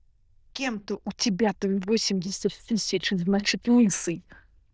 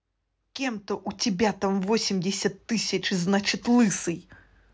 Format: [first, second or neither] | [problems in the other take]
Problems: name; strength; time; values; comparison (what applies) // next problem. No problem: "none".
second | noise reduction (neural diffusion model UNIVERSE++)